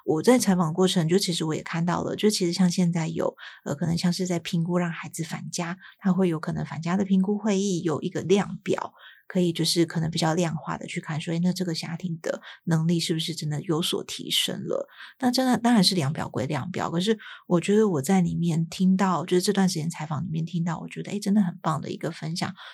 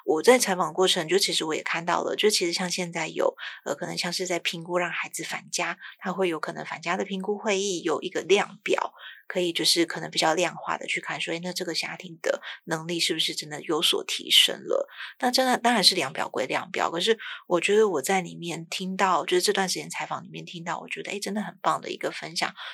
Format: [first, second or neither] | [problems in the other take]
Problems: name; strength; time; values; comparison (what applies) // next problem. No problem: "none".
first | thin; somewhat; fading below 450 Hz